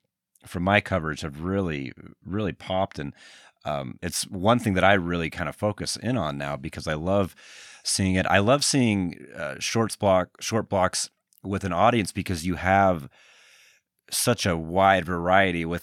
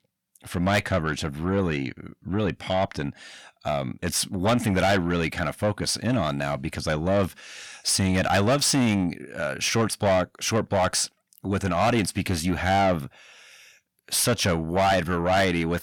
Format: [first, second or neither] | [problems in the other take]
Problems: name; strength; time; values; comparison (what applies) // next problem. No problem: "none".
first | distortion; heavy; 8 dB below the speech